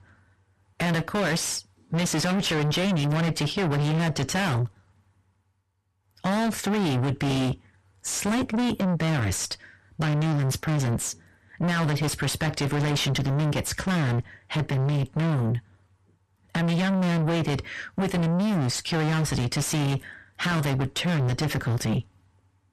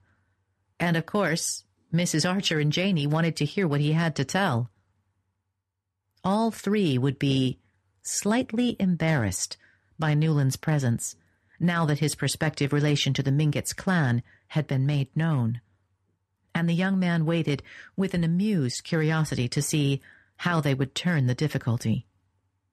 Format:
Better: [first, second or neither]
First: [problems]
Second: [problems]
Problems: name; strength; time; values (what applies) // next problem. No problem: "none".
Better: second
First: distortion; heavy; 6 dB below the speech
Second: none